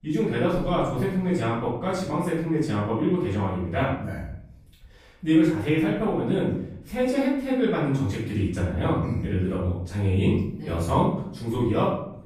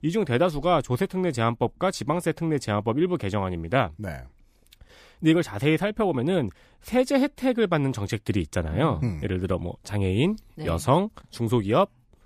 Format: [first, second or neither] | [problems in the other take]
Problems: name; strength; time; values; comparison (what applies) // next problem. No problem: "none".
second | off-mic speech; far // room echo; noticeable; dies away in 0.7 s